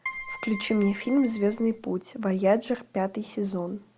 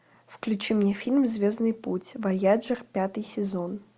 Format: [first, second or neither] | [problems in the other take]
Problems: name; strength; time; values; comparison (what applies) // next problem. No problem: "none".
second | background sound (Keyboard (musical)); 12 dB below the speech